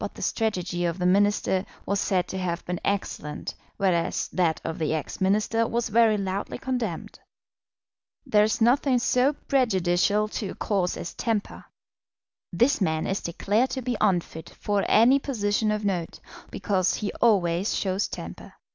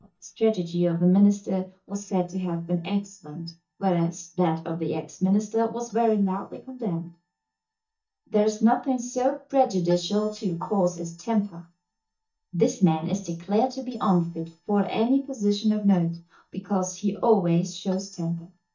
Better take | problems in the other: first | noise reduction (neural mask model DeepFilterNet 3)

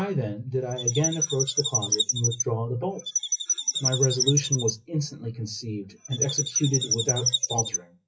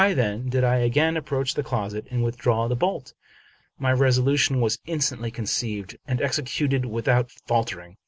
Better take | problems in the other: second | noise reduction (classical method WPE with log-MMSE)

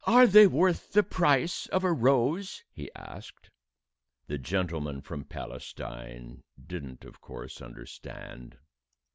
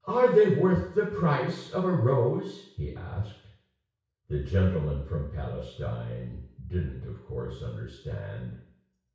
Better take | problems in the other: first | room echo; dies away in 0.6 s

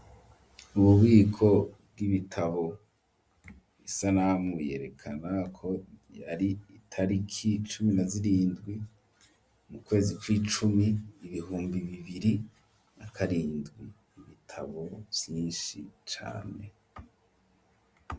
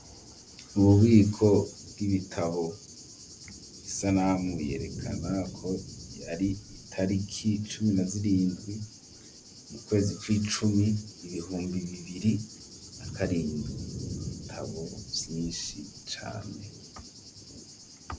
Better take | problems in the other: first | background sound (Thunder / Cricket); 13 dB below the speech

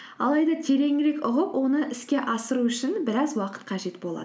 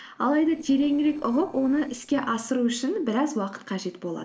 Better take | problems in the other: first | noise reduction (neural separator model SepFormer DNS4)

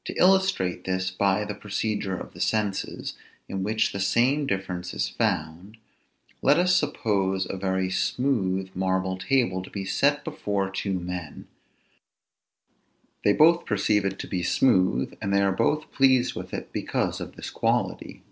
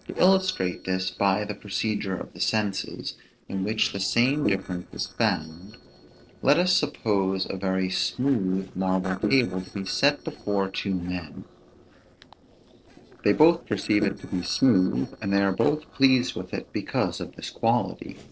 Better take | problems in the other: first | noise reduction (neural separator model SepFormer DNS4)

